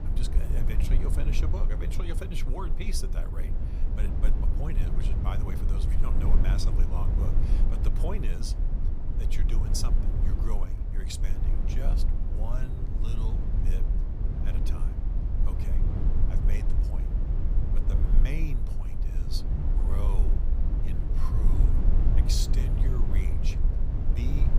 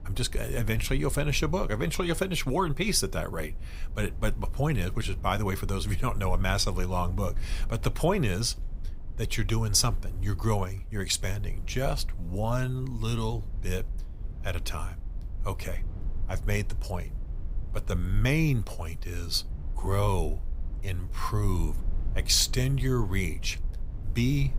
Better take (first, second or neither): second